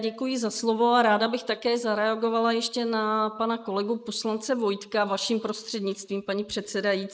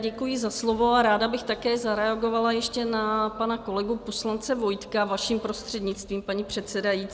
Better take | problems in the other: second | noise reduction (neural mask model Resemble Enhance denoiser)

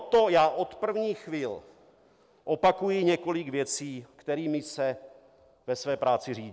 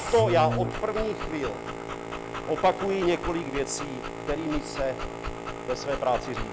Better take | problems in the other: first | background sound (Boat, Water vehicle + Dog); 5 dB below the speech

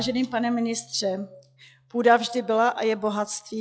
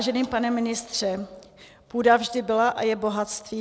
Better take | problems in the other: second | noise reduction (classical method log-MMSE)

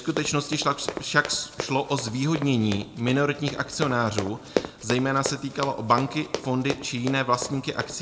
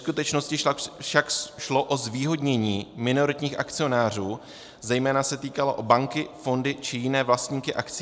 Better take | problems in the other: second | background sound (Run); 10 dB below the speech // room echo; dies away in 0.8 s

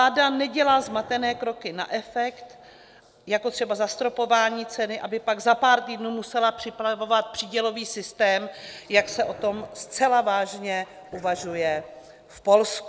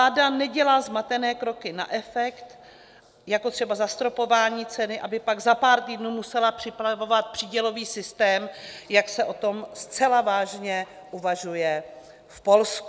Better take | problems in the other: second | background sound (Dog); 20 dB below the speech

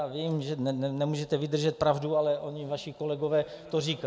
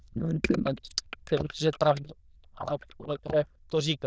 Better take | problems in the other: first | noise reduction (neural diffusion model UNIVERSE++)

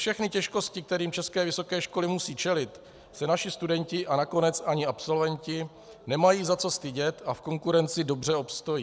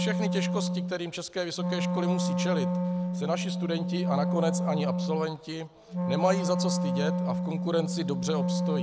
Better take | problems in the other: first | background sound (Wind instrument, woodwind instrument); 3 dB above the speech

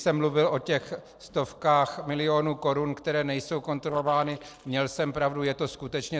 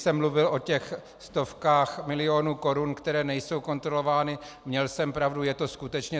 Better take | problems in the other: second | noise reduction (neural separator model SepFormer DNS4)

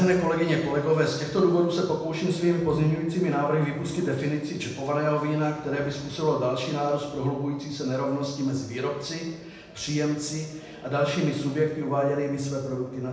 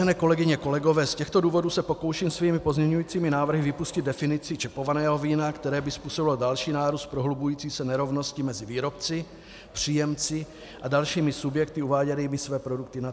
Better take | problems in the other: second | room echo; dies away in 0.9 s

